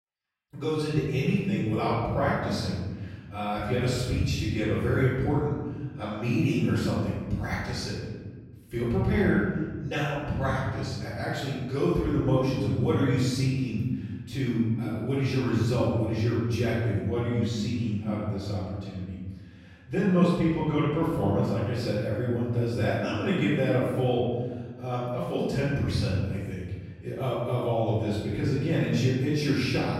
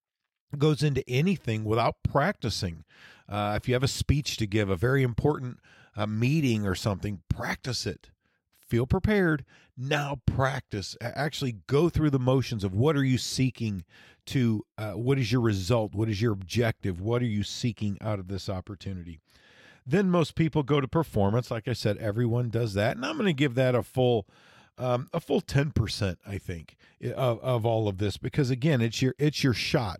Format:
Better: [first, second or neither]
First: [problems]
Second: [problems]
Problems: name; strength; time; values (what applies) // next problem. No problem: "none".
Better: second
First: off-mic speech; far // room echo; strong; dies away in 1.5 s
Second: none